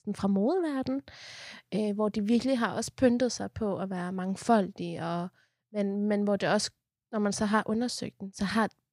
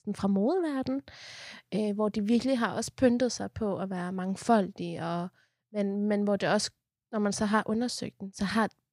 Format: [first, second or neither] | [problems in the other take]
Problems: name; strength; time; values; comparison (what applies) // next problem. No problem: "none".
neither | none